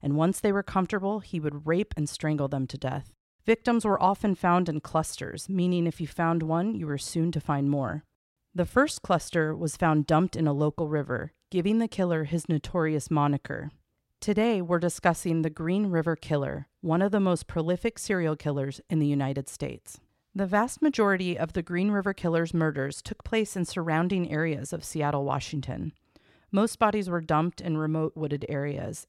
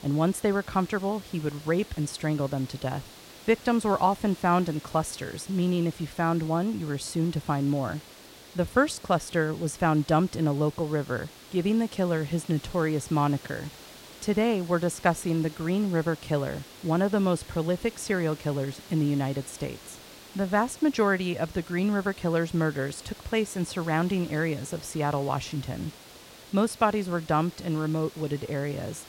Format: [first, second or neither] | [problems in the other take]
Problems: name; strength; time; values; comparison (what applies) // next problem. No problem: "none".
first | hiss; noticeable; throughout; 20 dB below the speech